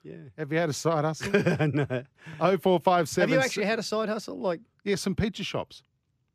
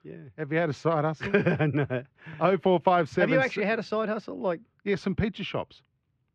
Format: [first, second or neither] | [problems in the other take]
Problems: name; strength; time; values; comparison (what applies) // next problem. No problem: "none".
first | muffled; slightly; fading above 2.5 kHz